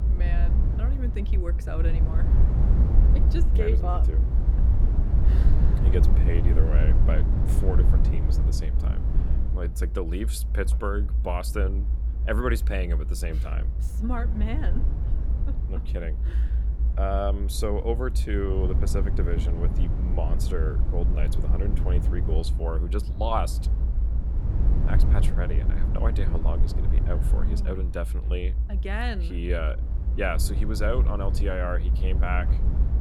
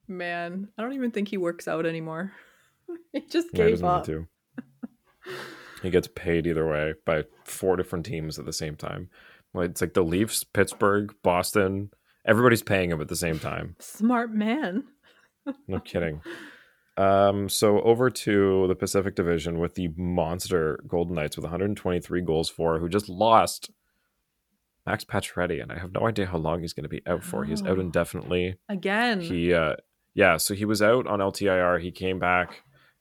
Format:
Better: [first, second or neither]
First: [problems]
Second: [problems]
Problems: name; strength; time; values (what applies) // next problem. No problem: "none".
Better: second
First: low rumble; loud; throughout; 8 dB below the speech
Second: none